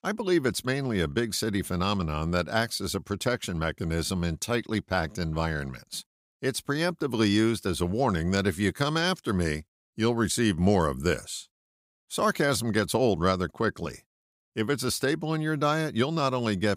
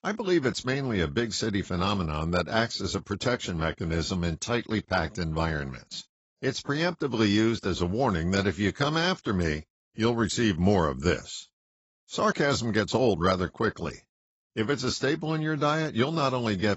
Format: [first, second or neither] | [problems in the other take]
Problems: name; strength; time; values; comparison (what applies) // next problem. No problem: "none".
first | garbled, watery; badly; nothing above 8 kHz